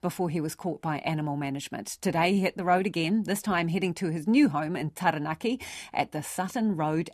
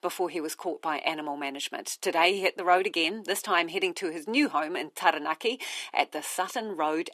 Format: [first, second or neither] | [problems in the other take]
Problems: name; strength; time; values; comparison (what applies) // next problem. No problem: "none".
first | thin; somewhat; fading below 350 Hz